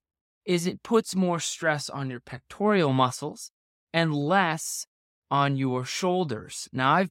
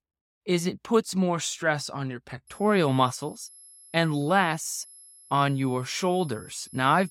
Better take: first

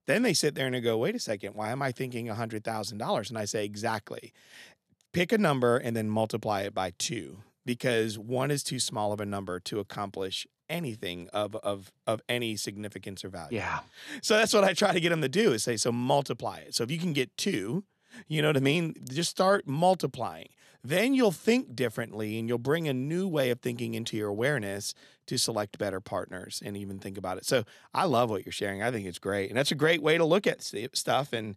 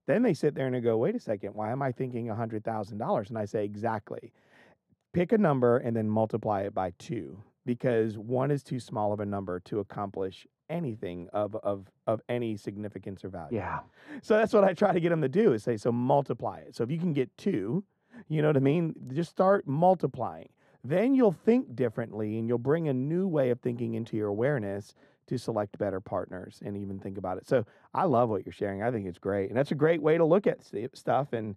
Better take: first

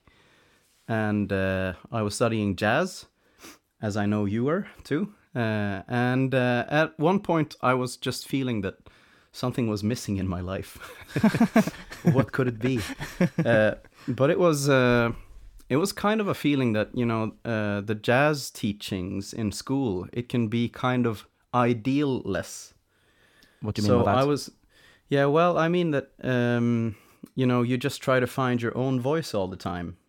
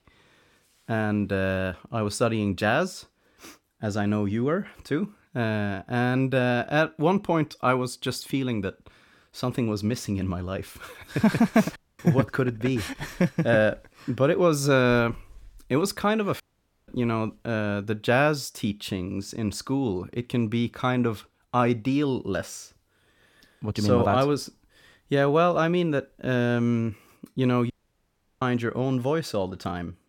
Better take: first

